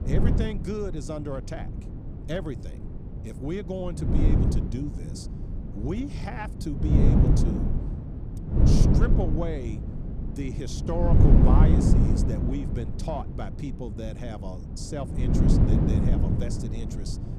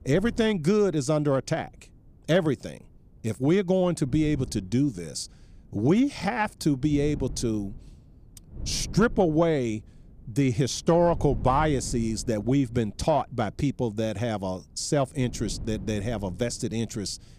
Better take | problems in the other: second | wind noise on the microphone; heavy; 2 dB above the speech; occasional gusts in the second

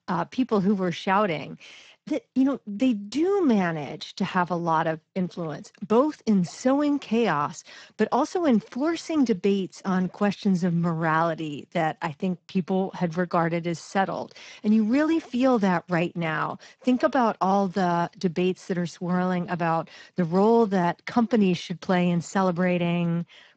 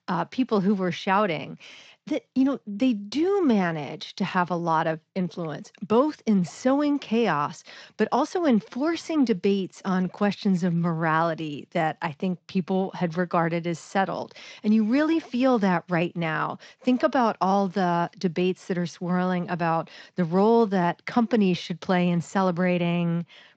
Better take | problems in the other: second | garbled, watery; badly; nothing above 7.5 kHz; slightly in the second

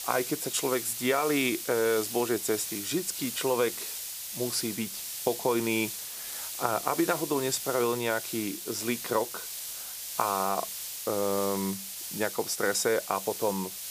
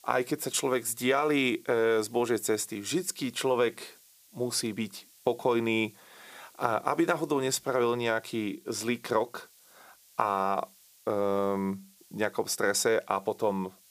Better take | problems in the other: second | hiss; loud; throughout; 5 dB below the speech; faint in the second

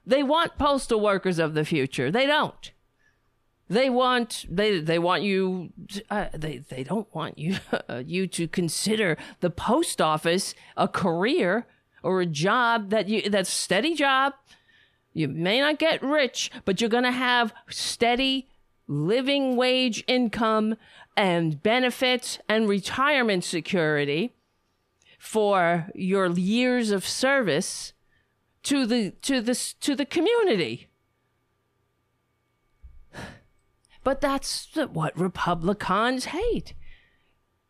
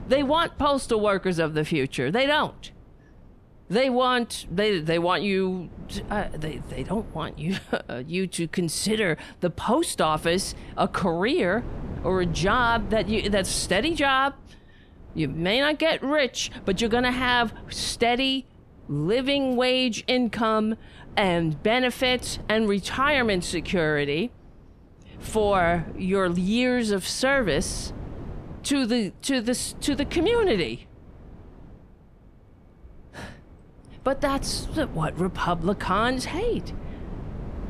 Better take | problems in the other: first | wind noise on the microphone; occasional gusts; 20 dB below the speech

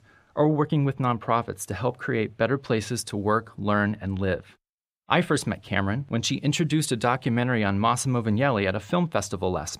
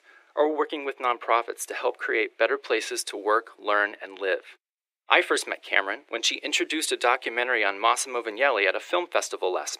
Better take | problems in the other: first | thin; very; fading below 350 Hz

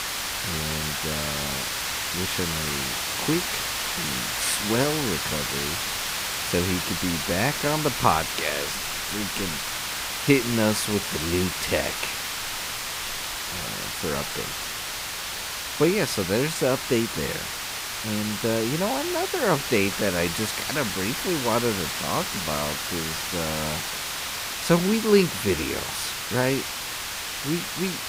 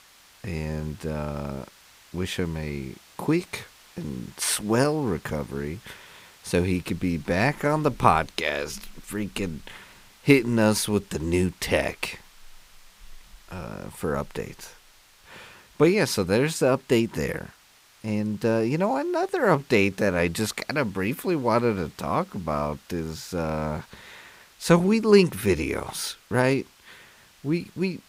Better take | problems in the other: second | hiss; loud; throughout; 1 dB below the speech; faint in the second

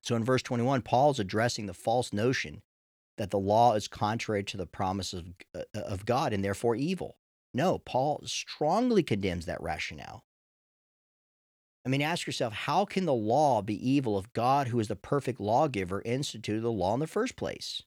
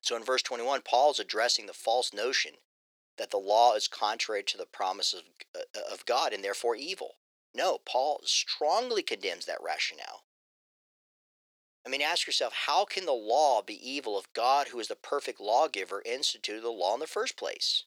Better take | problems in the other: first | thin; very; fading below 450 Hz

